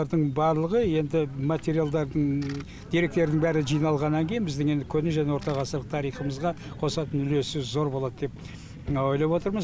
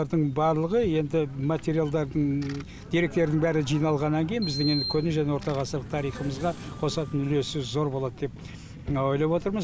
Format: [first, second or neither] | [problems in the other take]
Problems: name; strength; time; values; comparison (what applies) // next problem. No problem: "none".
first | background sound (Sliding door); 13 dB below the speech